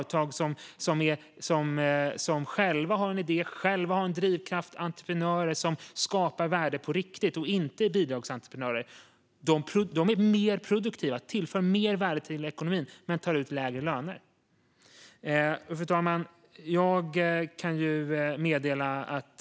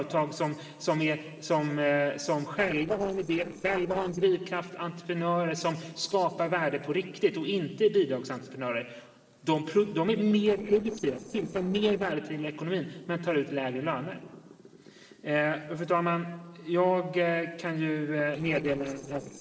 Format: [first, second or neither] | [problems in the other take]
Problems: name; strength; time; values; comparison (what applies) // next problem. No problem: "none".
first | noise reduction (neural separator model SepFormer DNS4)